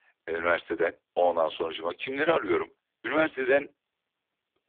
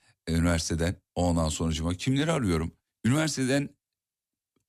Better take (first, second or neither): second